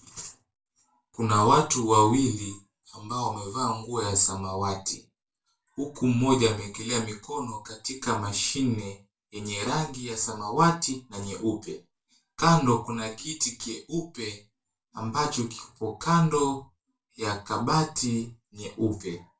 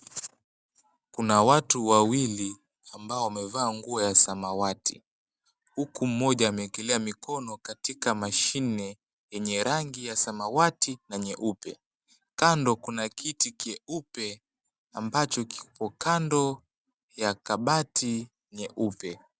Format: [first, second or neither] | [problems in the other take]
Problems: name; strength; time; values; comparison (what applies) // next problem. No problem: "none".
second | room echo; dies away in 0.2 s